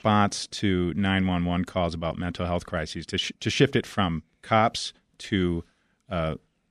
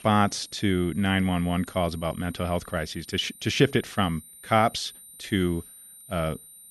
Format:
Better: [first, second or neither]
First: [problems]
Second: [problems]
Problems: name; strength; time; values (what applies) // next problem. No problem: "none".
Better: first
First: none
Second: high-pitched whine; noticeable; throughout; 9 kHz, 20 dB below the speech